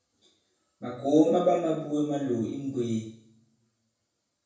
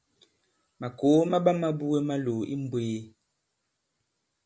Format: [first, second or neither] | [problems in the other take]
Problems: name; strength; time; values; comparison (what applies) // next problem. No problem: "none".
second | room echo; dies away in 0.6 s